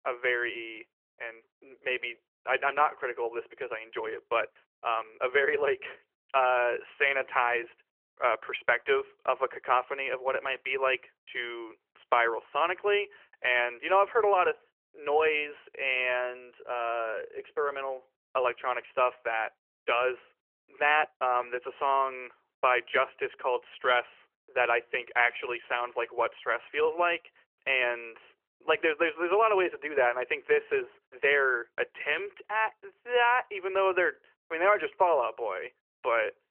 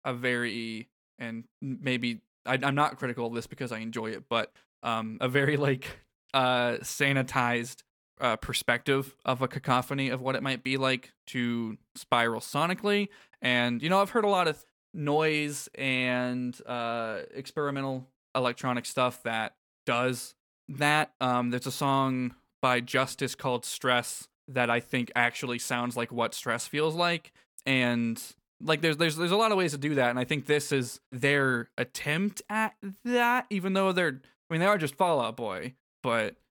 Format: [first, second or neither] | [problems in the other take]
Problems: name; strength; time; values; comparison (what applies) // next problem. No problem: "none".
second | phone-call audio; nothing above 3 kHz